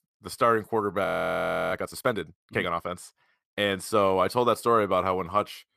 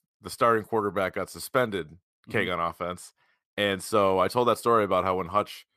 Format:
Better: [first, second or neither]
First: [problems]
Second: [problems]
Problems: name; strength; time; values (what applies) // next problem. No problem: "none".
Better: second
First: audio freezing; at 1 s for 0.5 s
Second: none